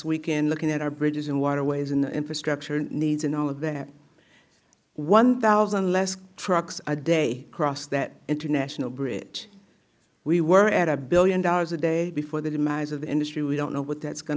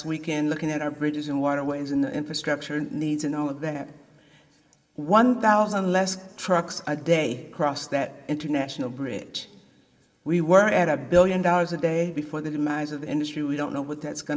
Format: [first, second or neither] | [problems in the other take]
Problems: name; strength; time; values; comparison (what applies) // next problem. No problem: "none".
first | room echo; dies away in 1.5 s